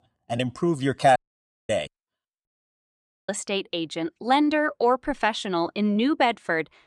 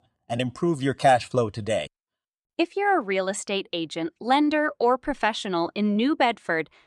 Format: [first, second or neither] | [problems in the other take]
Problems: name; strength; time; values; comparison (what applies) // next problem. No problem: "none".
second | audio cutting out; at 1 s for 0.5 s and at 2.5 s for 1 s